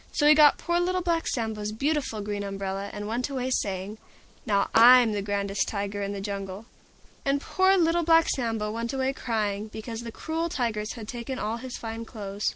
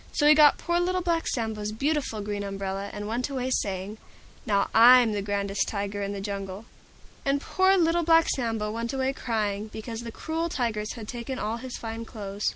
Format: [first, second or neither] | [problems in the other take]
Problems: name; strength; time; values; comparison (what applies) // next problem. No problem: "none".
second | noise reduction (neural separator model SepFormer DNS4)